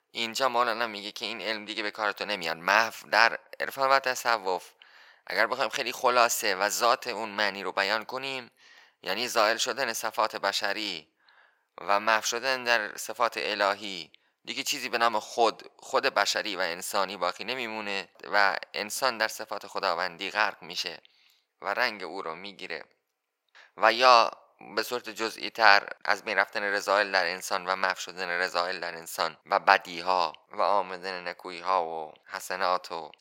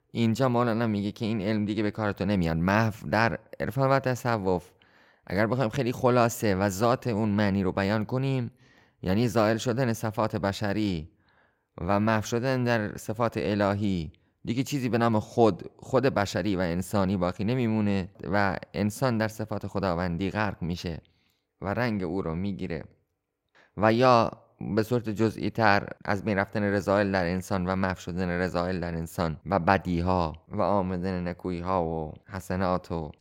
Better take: second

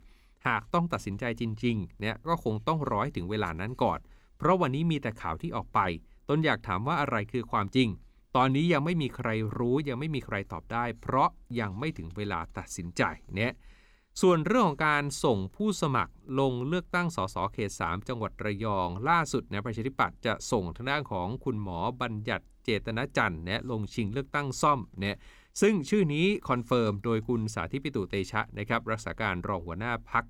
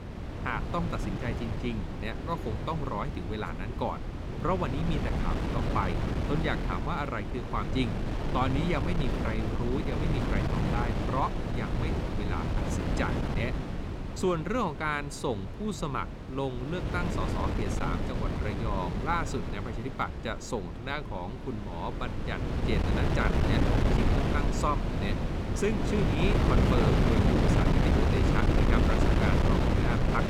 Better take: first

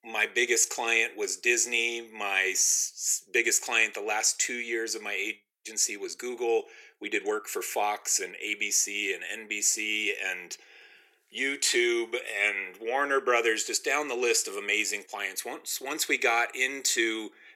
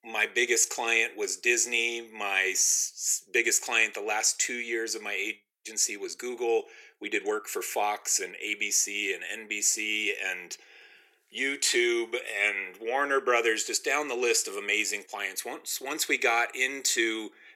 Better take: neither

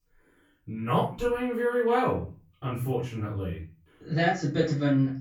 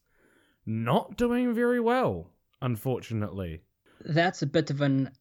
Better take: second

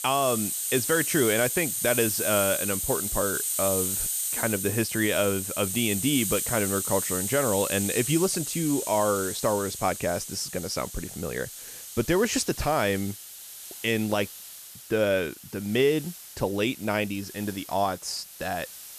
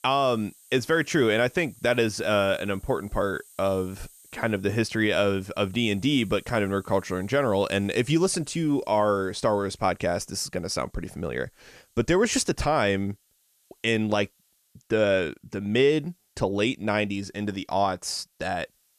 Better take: second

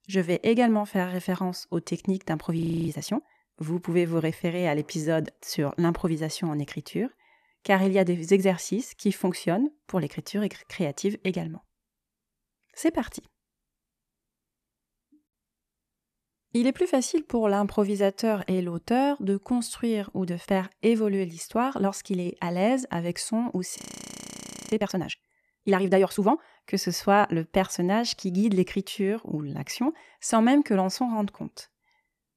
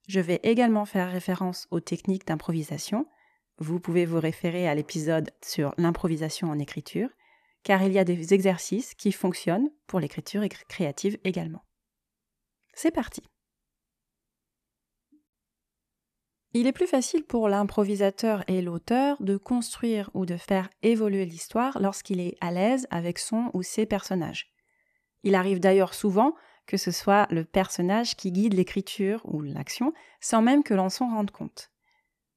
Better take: second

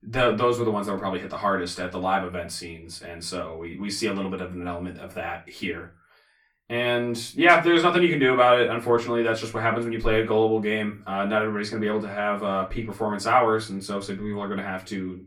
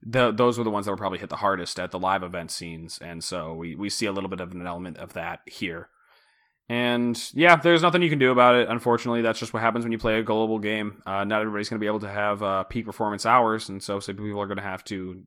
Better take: second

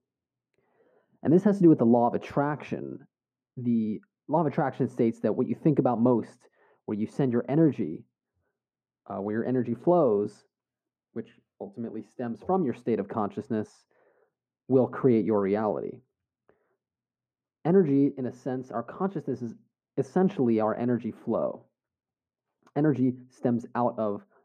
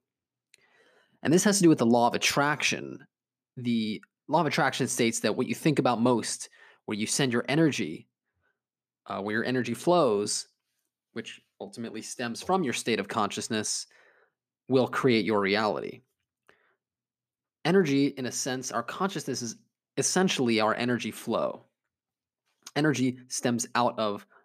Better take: second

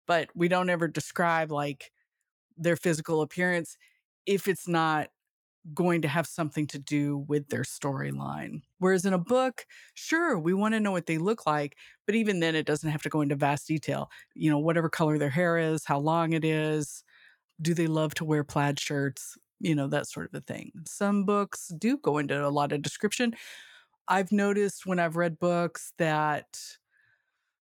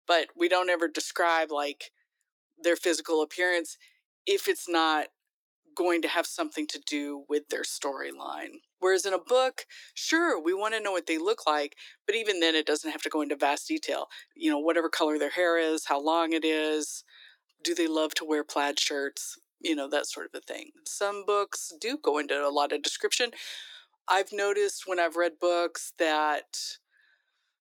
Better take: first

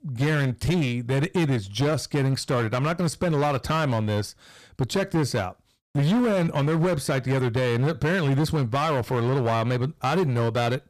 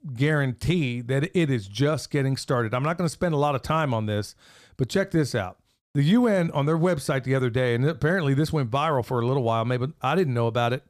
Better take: second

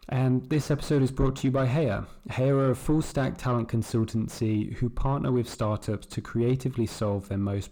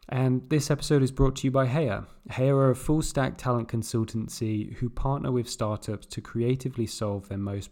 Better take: second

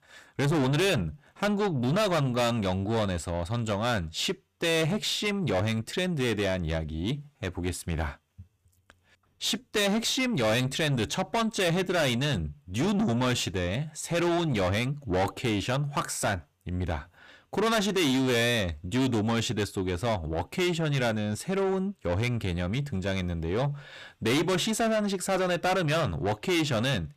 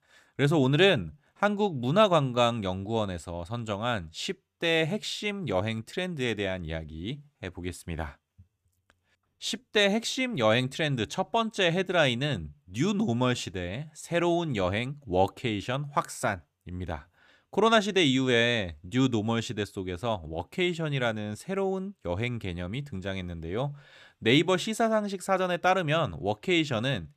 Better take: second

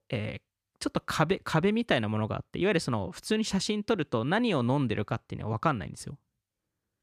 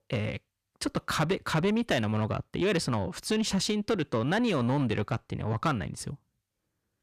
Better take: first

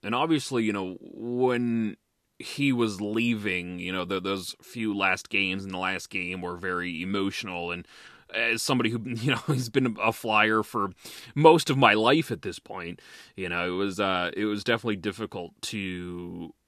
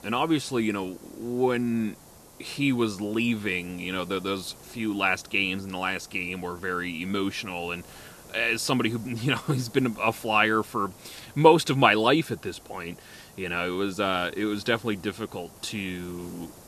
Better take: first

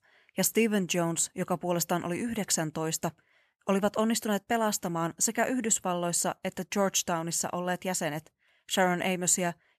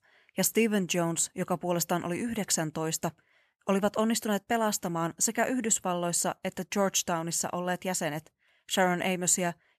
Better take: neither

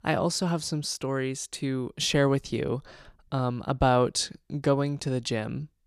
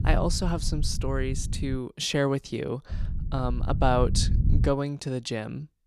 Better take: first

